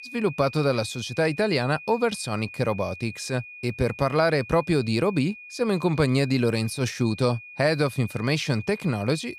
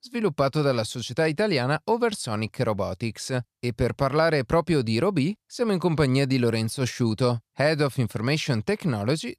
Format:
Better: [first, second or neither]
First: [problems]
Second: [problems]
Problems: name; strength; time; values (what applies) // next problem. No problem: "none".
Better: second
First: high-pitched whine; noticeable; throughout; 2.5 kHz, 15 dB below the speech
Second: none